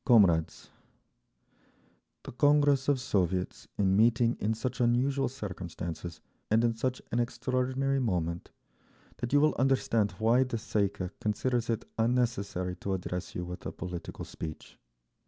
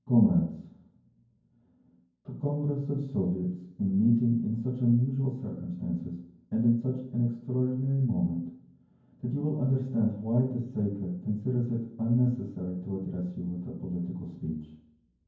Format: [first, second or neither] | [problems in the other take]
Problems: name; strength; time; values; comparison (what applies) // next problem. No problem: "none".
first | room echo; dies away in 0.9 s